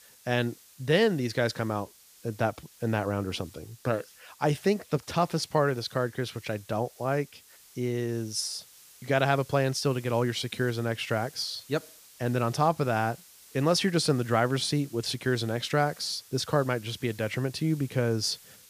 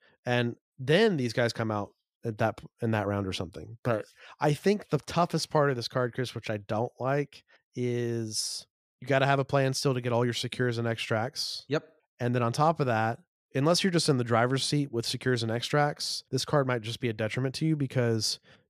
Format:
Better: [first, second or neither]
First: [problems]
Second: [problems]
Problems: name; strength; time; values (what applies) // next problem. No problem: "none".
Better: second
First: hiss; faint; throughout; 20 dB below the speech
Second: none